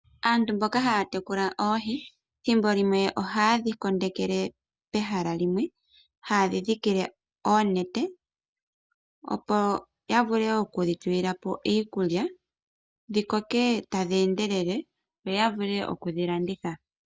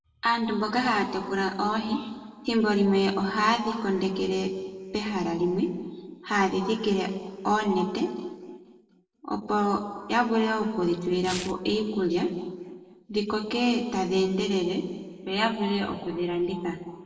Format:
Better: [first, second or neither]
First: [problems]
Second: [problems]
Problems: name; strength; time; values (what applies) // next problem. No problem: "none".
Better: first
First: none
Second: noise reduction (neural separator model SepFormer DNS4)